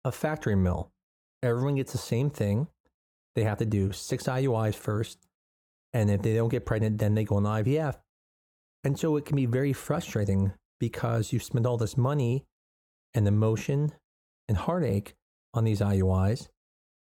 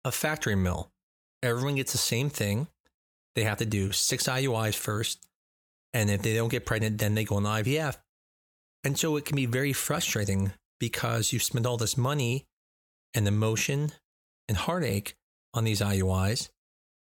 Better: second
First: muffled; slightly; fading above 1.5 kHz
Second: none

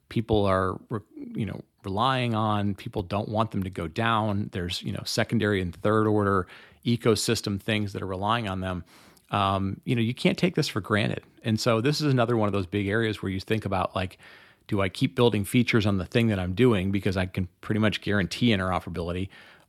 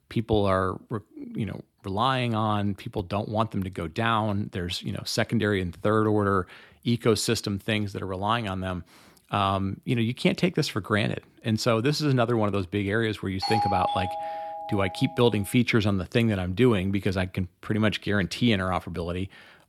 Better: first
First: none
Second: doorbell; loud; from 13 to 15 s; peak level with the speech

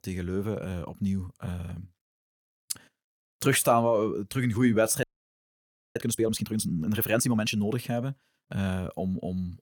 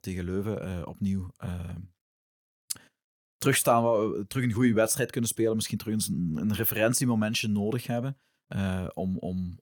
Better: second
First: audio freezing; at 5 s for 1 s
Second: none

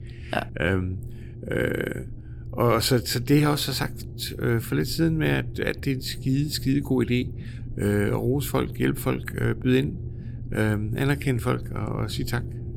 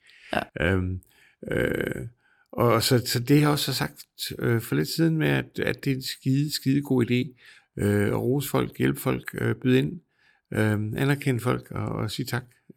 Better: second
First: low rumble; noticeable; throughout; 20 dB below the speech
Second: none

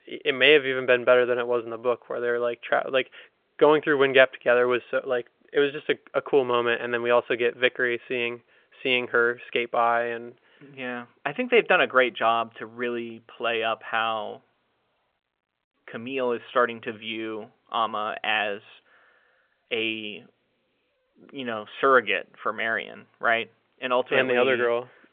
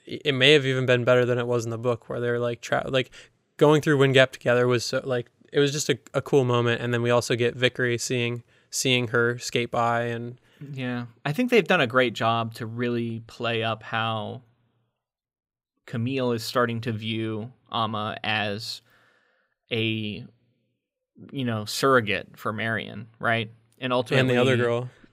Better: second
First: phone-call audio; nothing above 3.5 kHz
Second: none

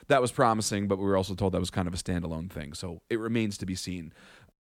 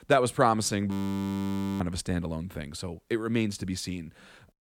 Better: first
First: none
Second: audio freezing; at 1 s for 1 s

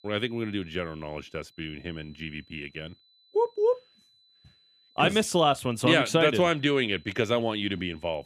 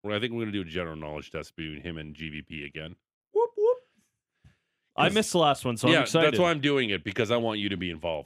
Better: second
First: high-pitched whine; faint; throughout; 4 kHz, 35 dB below the speech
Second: none

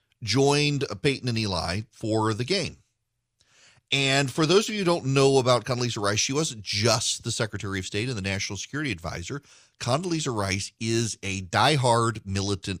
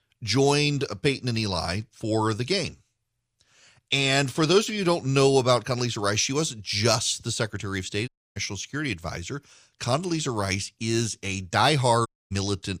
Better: first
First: none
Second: audio cutting out; at 8 s and at 12 s

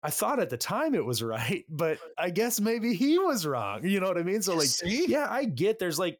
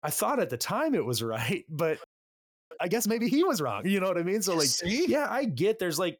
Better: first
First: none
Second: audio freezing; at 2 s for 0.5 s

